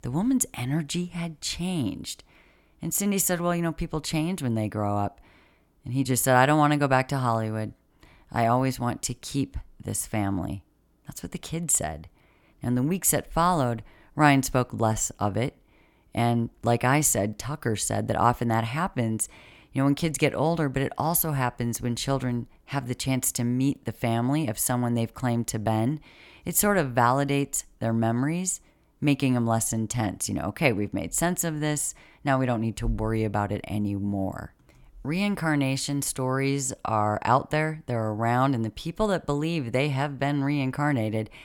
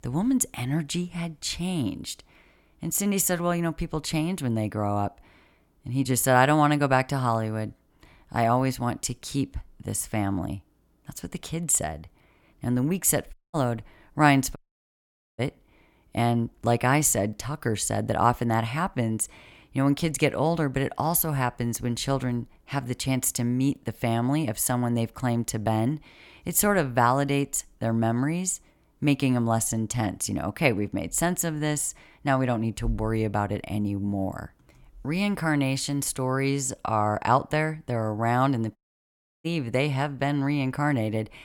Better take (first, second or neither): first